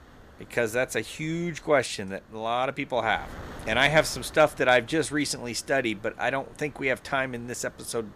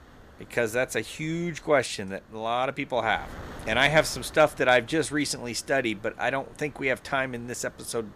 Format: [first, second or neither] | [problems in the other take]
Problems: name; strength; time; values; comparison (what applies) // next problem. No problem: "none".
neither | wind noise on the microphone; occasional gusts; 25 dB below the speech; the same in both